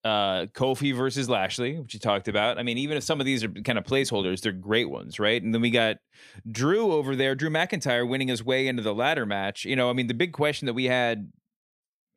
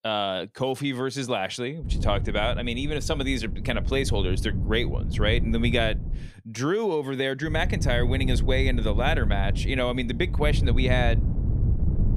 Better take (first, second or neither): first